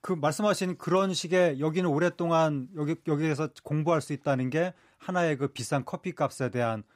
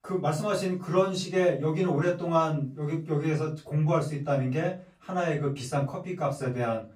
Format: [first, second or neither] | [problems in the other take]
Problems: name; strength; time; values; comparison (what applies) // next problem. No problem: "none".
first | off-mic speech; far // room echo; slight; dies away in 0.3 s